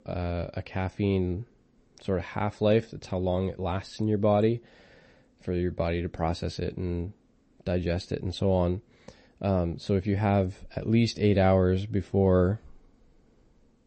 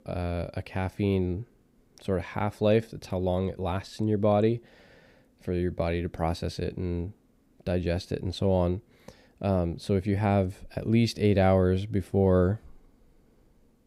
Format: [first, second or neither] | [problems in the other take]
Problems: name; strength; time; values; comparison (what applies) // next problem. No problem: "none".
second | garbled, watery; slightly; nothing above 8 kHz